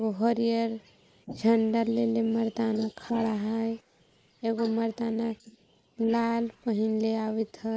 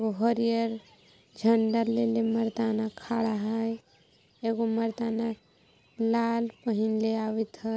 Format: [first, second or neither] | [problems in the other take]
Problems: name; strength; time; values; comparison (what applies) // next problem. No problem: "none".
second | noise reduction (neural mask model Resemble Enhance denoiser)